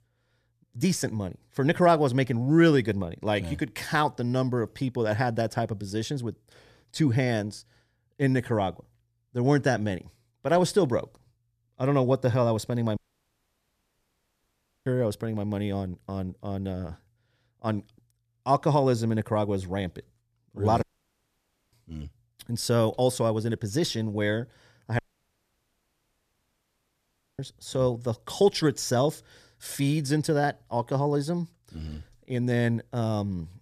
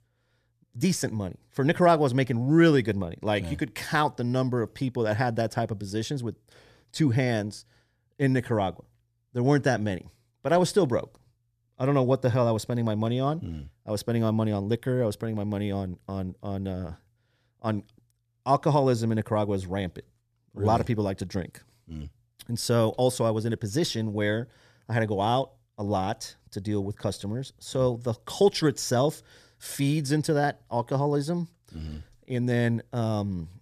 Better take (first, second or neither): second